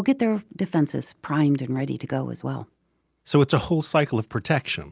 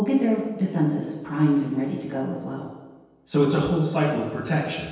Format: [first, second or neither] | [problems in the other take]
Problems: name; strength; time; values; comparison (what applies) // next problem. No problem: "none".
first | room echo; dies away in 1.2 s